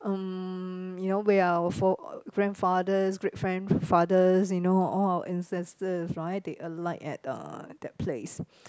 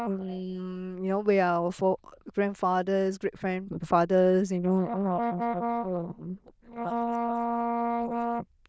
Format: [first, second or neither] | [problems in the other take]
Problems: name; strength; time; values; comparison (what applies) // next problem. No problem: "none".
first | noise reduction (neural diffusion model UNIVERSE++)